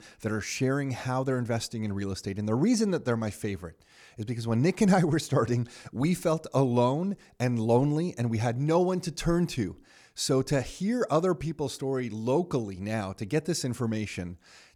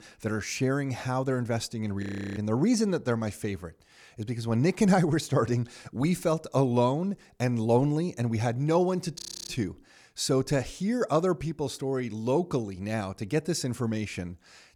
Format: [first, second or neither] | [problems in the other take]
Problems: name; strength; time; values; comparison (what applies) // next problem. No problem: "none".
first | audio freezing; at 2 s and at 9 s